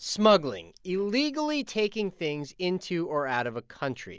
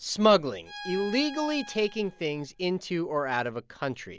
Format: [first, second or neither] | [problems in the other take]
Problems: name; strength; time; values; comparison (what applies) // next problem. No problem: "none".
first | background sound (Bowed string instrument); 16 dB below the speech